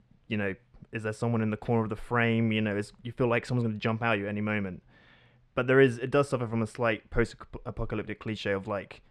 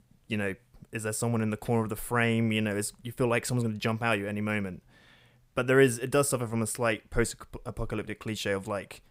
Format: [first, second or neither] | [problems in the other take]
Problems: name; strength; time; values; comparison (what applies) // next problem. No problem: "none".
second | muffled; slightly; fading above 3.5 kHz